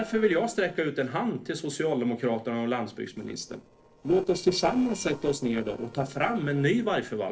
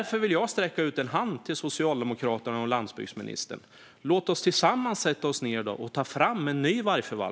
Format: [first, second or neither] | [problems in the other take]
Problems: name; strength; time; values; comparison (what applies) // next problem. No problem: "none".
second | noise reduction (neural separator model SepFormer DNS4)